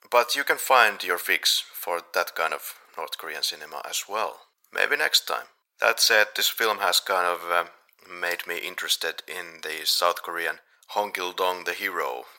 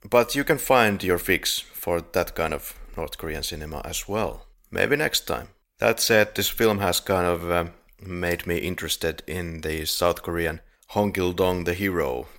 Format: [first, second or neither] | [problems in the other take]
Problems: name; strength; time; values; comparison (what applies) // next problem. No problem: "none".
second | thin; very; fading below 750 Hz